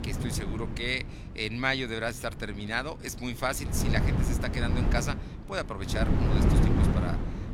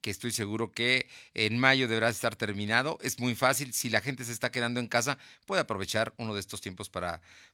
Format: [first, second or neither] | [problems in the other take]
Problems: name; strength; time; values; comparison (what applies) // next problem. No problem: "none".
second | wind noise on the microphone; heavy; 4 dB below the speech